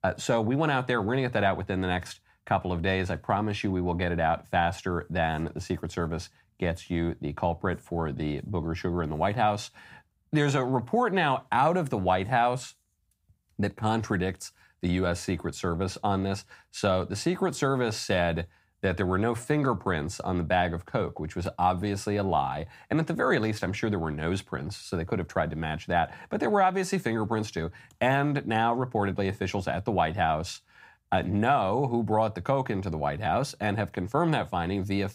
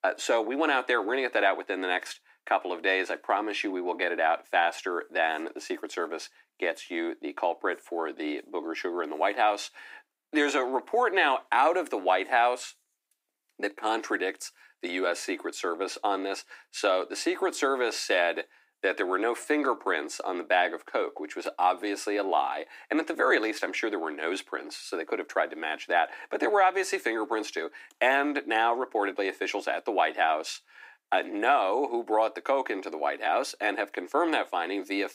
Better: first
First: none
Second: thin; somewhat; fading below 300 Hz

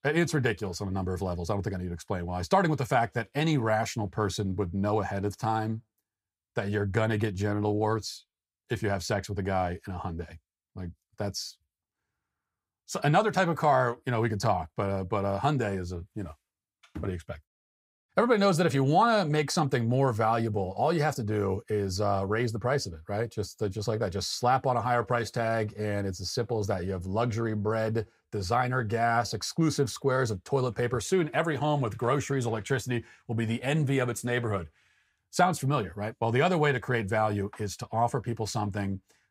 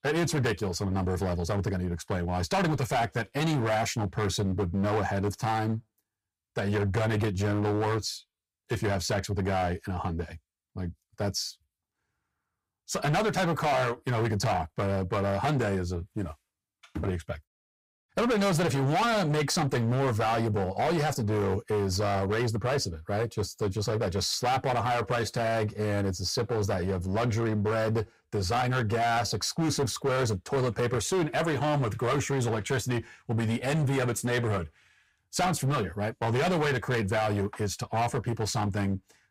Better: first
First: none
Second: distortion; heavy; 16% of the sound clipped

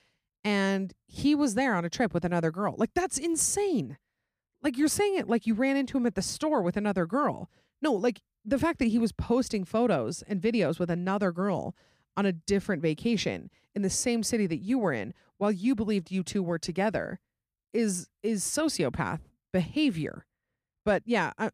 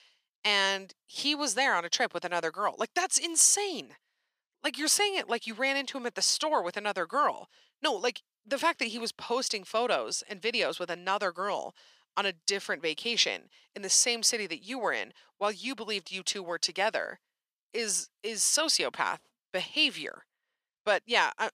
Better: first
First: none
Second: thin; very; fading below 600 Hz

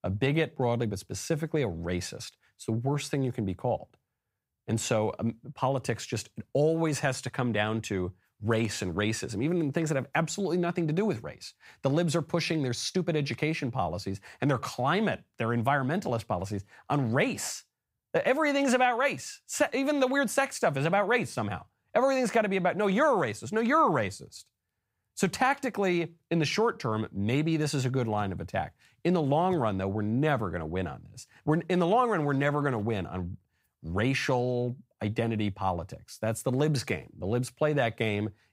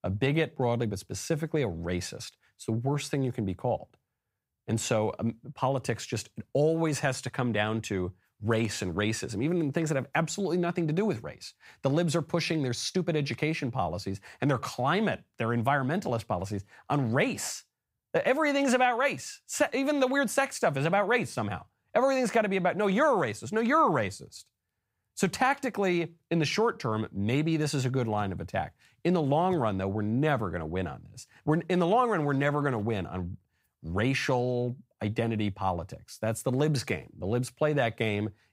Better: neither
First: none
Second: none

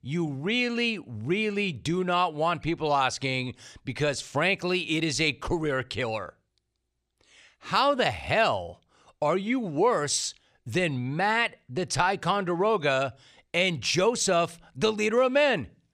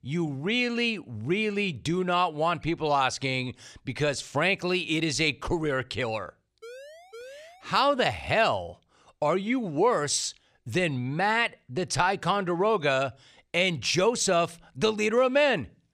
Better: first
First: none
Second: siren; faint; from 6.5 to 7.5 s; peak 20 dB below the speech

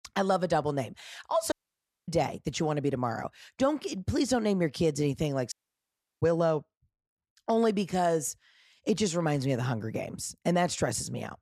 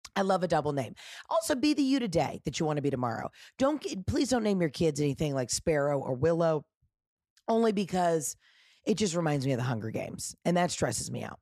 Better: second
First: audio cutting out; at 1.5 s for 0.5 s and at 5.5 s for 0.5 s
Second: none

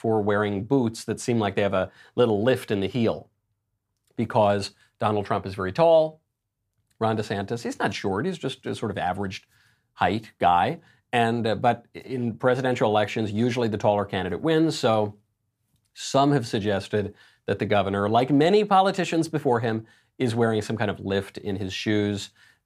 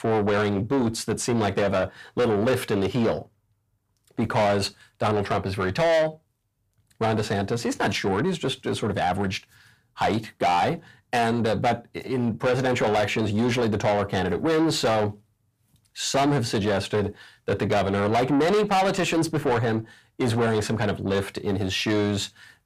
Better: first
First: none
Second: distortion; heavy; 7 dB below the speech

